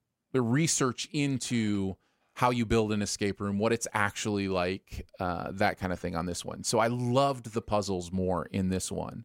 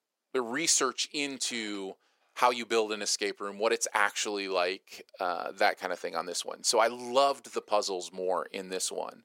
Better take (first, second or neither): first